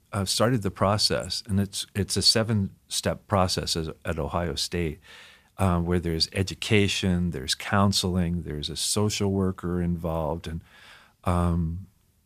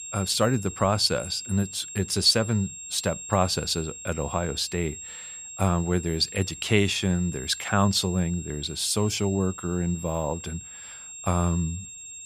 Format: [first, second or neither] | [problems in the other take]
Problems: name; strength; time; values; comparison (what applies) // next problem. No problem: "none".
first | high-pitched whine; noticeable; throughout; 7.5 kHz, 10 dB below the speech